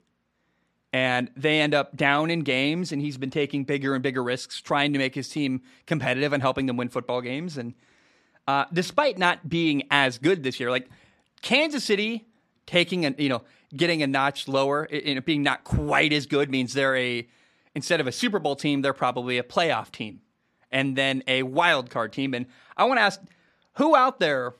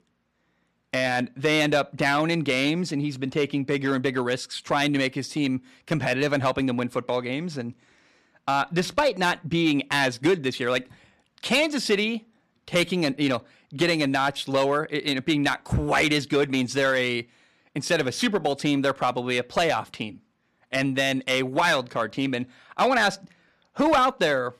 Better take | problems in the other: first | distortion; slight; 3% of the sound clipped

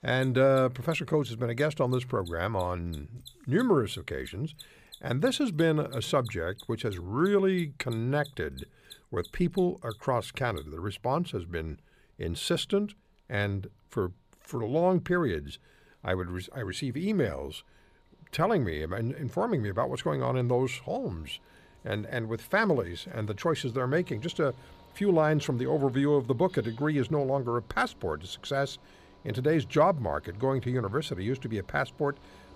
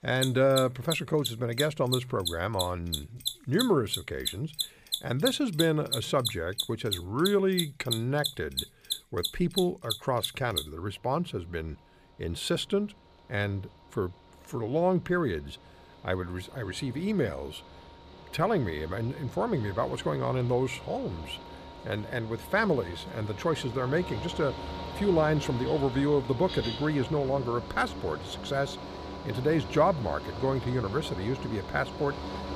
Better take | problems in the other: first | machinery noise; loud; throughout; 7 dB below the speech; faint in the first

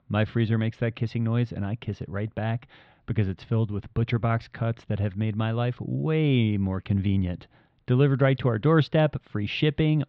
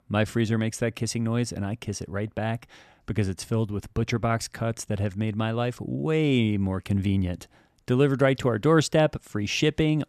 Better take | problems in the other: second | muffled; slightly; fading above 4 kHz

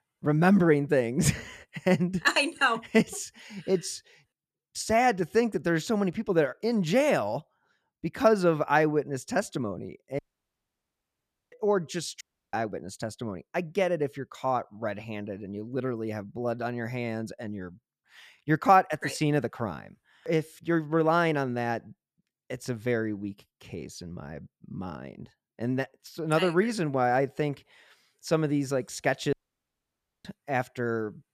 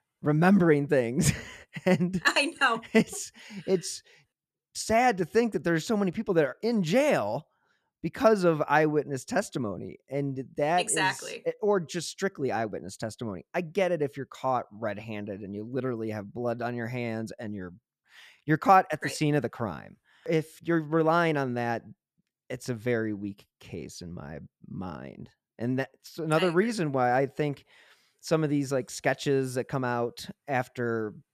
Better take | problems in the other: second | audio cutting out; at 10 s for 1.5 s, at 12 s and at 29 s for 1 s

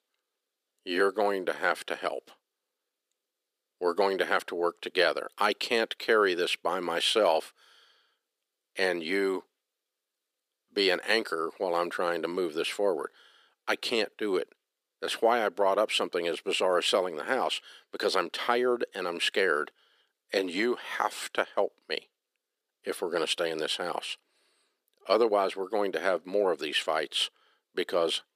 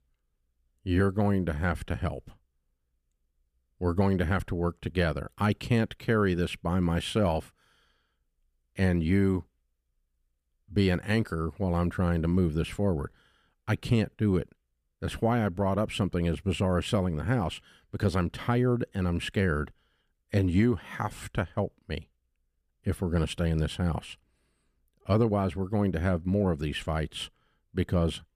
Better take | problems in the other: second | thin; very; fading below 350 Hz

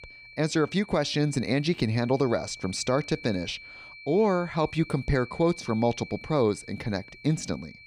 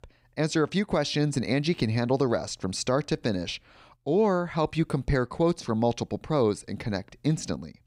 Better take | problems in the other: second | high-pitched whine; noticeable; throughout; 2.5 kHz, 15 dB below the speech

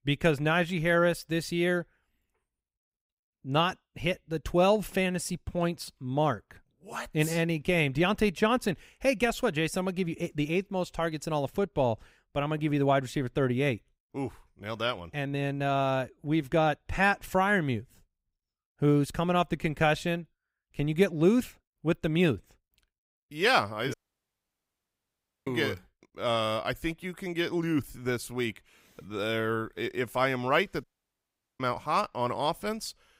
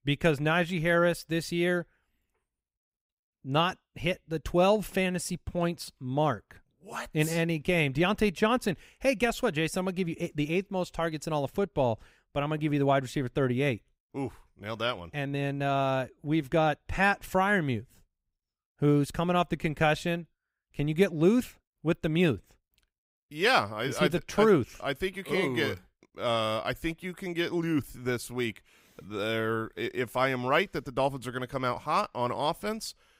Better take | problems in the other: second | audio cutting out; at 24 s for 1.5 s and at 31 s for 1 s

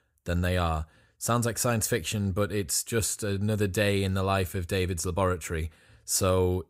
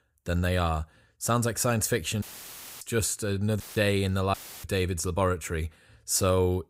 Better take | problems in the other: first | audio cutting out; filled with static; at 2 s for 0.5 s, at 3.5 s and at 4.5 s

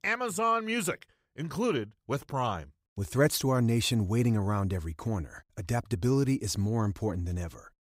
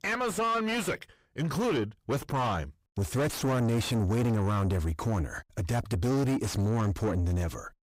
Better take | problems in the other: first | distortion; heavy; 6 dB below the speech

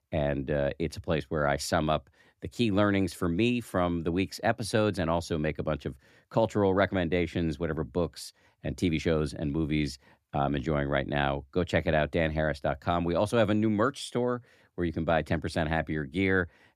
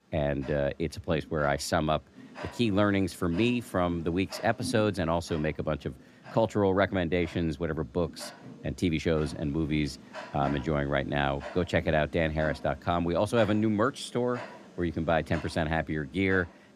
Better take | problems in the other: first | household noises; noticeable; throughout; 15 dB below the speech

